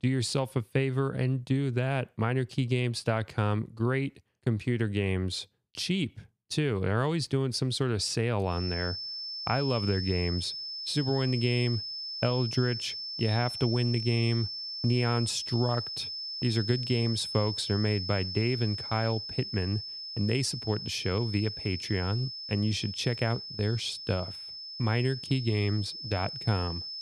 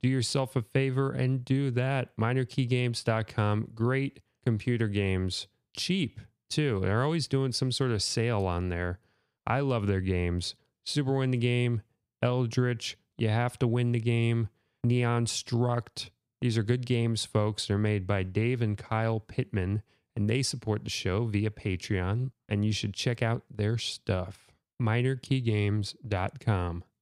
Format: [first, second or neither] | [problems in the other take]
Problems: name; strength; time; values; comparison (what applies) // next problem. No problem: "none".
second | high-pitched whine; loud; from 8.5 s on; 5 kHz, 5 dB below the speech